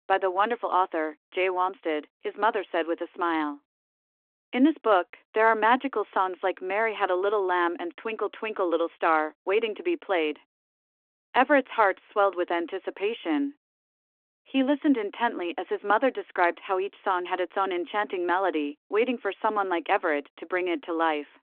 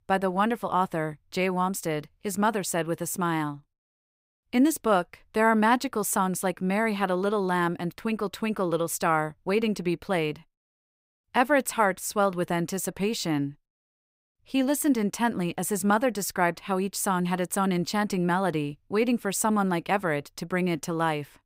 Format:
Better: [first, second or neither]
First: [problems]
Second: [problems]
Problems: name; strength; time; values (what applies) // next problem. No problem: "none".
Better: second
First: phone-call audio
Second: none